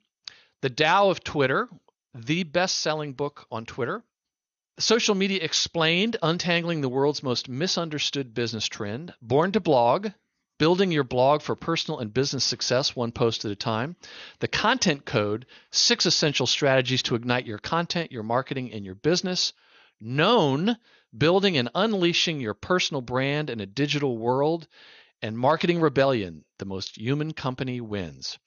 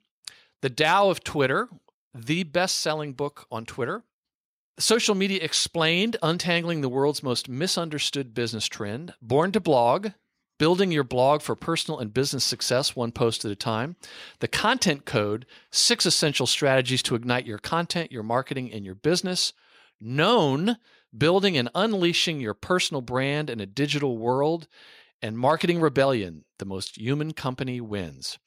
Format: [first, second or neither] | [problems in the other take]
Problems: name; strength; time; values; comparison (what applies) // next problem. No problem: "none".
second | garbled, watery; slightly; nothing above 6.5 kHz